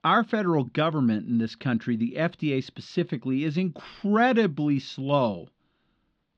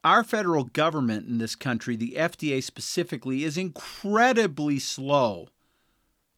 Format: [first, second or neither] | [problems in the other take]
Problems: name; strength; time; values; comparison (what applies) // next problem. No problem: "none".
second | muffled; slightly; fading above 4 kHz